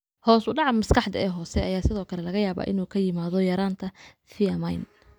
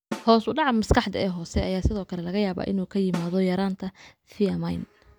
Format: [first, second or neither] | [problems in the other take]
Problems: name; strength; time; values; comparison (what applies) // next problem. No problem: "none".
first | background sound (Snare drum); 18 dB below the speech